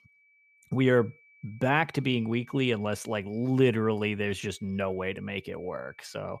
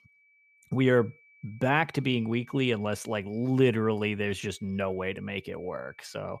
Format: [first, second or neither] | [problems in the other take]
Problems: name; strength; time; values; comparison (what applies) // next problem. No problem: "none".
neither | high-pitched whine; faint; throughout; 2.5 kHz, 30 dB below the speech; the same in both